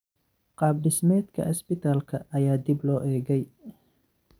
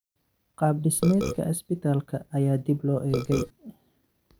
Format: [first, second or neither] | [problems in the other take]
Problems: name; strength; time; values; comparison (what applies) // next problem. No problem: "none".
first | background sound (Burping, eructation); 3 dB below the speech